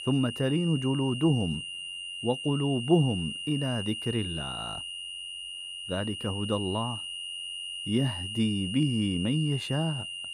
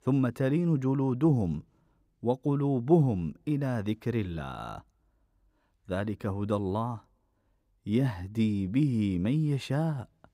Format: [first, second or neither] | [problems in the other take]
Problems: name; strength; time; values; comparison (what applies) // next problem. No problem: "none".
second | high-pitched whine; loud; throughout; 3 kHz, 6 dB below the speech